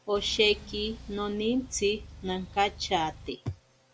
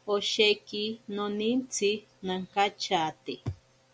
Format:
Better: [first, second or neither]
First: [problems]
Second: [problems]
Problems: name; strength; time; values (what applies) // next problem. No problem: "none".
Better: second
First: background sound (Engine); 15 dB below the speech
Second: none